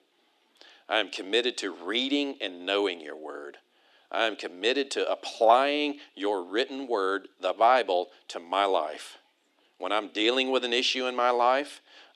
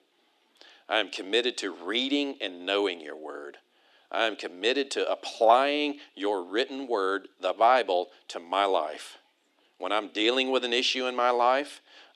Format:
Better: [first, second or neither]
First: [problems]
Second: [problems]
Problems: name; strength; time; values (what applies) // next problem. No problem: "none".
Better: neither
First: thin; very slightly; fading below 300 Hz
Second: thin; very slightly; fading below 300 Hz